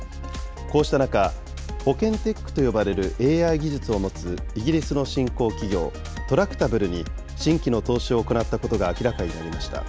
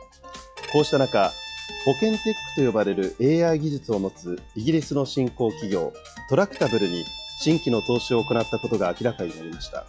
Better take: first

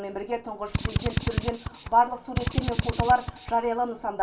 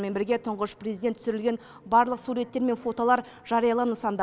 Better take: second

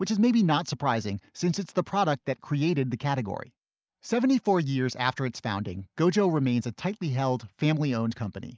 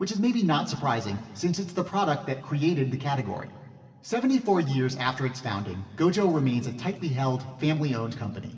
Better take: first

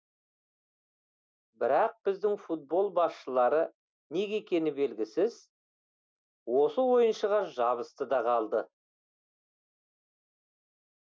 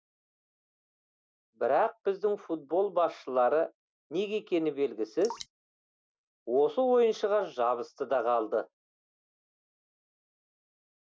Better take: first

